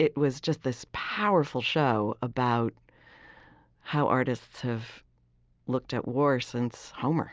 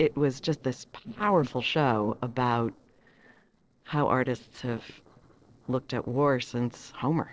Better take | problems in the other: first | noise reduction (neural separator model SepFormer DNS4)

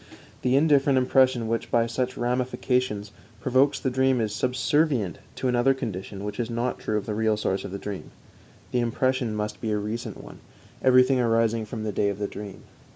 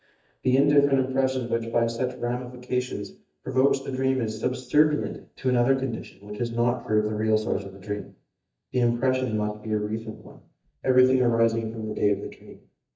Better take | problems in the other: first | noise reduction (neural mask model DeepFilterNet 3)

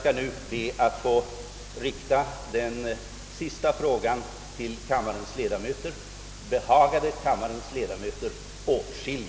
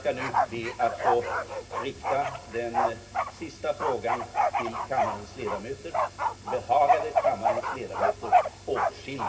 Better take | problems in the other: first | background sound (Bark); 3 dB above the speech // room echo; dies away in 0.4 s

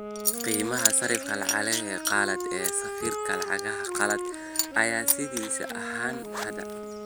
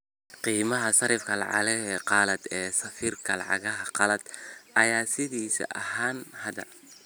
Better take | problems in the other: second | background sound (Wind instrument, woodwind instrument + Coin (dropping) / Zipper (clothing)); 1 dB below the speech

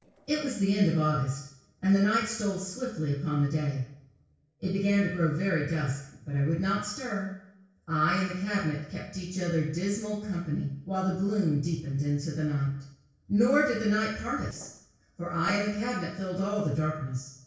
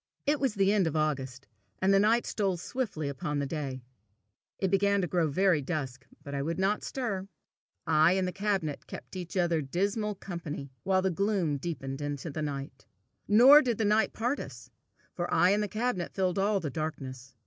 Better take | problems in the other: second | noise reduction (neural separator model SepFormer DNS4)

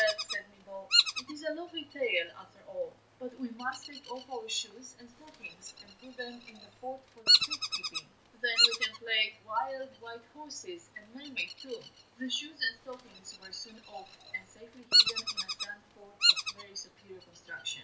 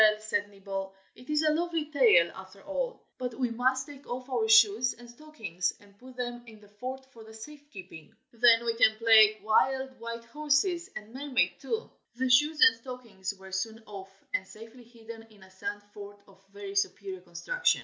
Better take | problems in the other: second | background sound (Bird vocalization, bird call, bird song); 5 dB above the speech // room echo; dies away in 0.4 s

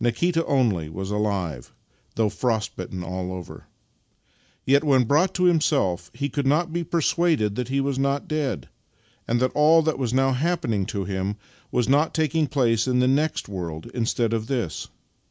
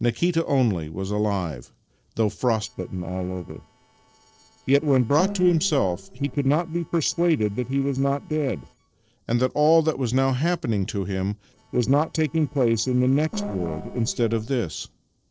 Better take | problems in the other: first | noise reduction (neural separator model SepFormer DNS4)

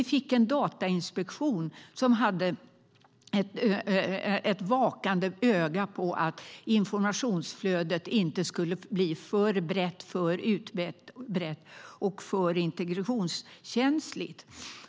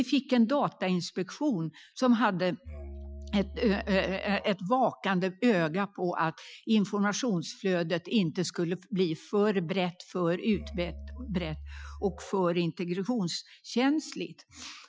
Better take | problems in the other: first | noise reduction (classical method Wiener filter)

